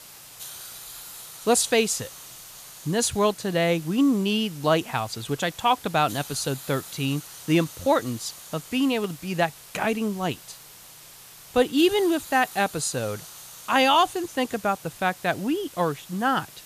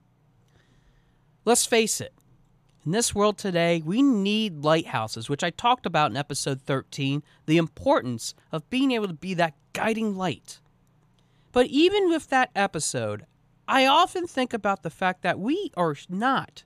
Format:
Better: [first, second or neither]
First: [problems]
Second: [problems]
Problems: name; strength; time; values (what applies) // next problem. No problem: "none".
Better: second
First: hiss; noticeable; throughout; 15 dB below the speech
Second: none